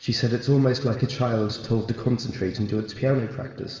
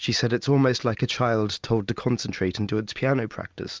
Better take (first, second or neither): second